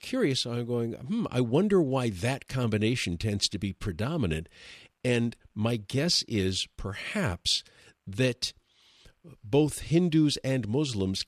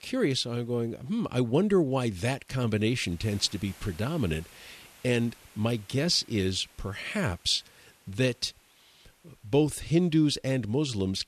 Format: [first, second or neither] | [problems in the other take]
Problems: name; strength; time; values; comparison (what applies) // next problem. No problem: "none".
first | hiss; faint; throughout; 25 dB below the speech